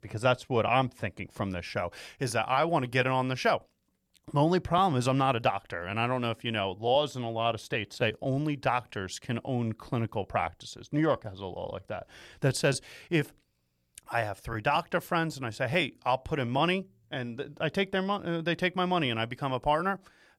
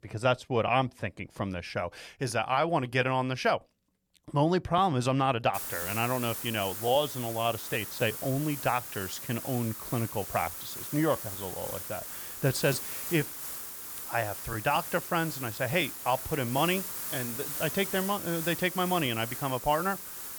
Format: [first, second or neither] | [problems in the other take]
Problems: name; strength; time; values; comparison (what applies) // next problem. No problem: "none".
first | hiss; loud; from 5.5 s on; 6 dB below the speech